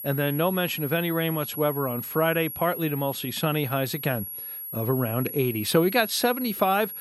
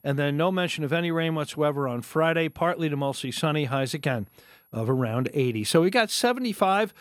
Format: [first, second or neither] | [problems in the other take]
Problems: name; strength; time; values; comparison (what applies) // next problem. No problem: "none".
second | high-pitched whine; loud; throughout; 11.5 kHz, 8 dB below the speech; faint in the second